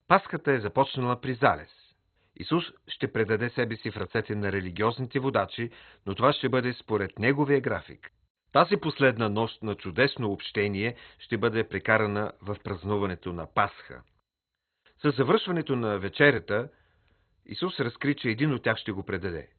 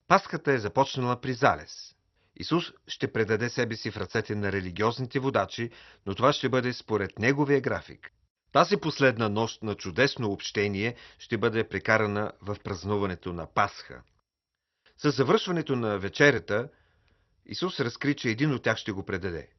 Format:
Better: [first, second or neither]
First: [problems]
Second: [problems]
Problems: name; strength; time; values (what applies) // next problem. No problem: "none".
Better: second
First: garbled, watery; badly; nothing above 4 kHz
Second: garbled, watery; slightly; nothing above 6 kHz